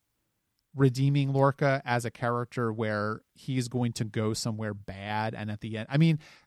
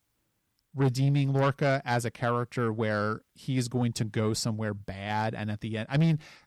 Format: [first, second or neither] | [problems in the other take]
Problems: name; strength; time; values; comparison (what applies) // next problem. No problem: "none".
first | distortion; slight; 10 dB below the speech